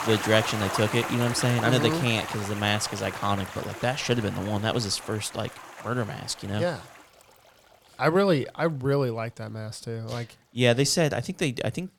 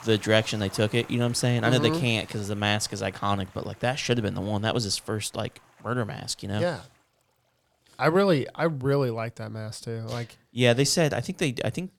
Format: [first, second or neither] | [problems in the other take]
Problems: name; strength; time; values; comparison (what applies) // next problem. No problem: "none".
second | rain or running water; loud; throughout; 9 dB below the speech; faint in the second